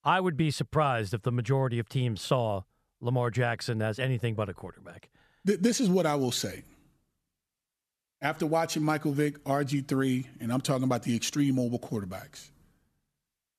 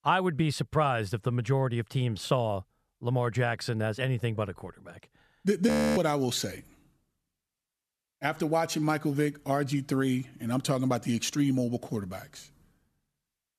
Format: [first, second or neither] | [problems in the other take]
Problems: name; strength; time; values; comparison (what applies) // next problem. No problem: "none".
first | audio freezing; at 5.5 s